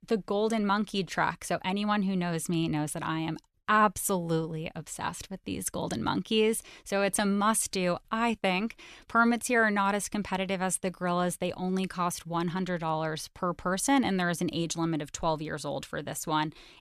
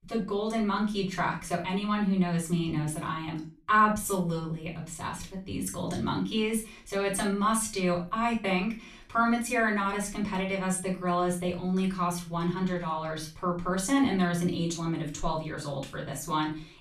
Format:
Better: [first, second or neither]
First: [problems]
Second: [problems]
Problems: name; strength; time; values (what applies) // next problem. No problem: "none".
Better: first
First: none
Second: off-mic speech; far // room echo; slight; dies away in 0.3 s